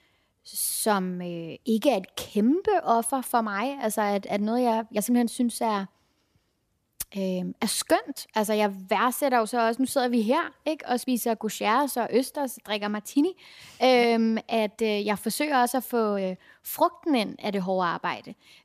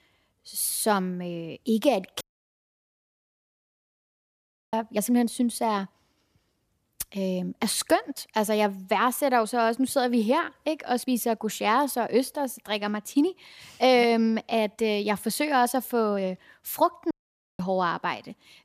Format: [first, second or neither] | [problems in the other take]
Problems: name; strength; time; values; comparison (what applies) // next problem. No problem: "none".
first | audio cutting out; at 2 s for 2.5 s and at 17 s